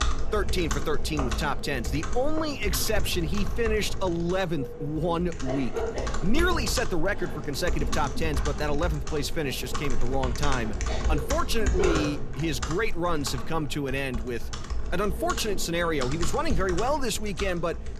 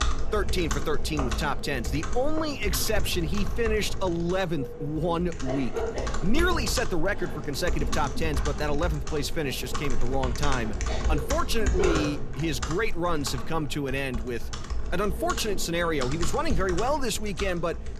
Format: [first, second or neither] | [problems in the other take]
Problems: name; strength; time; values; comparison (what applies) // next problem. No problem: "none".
neither | household noises; loud; throughout; 4 dB below the speech; the same in both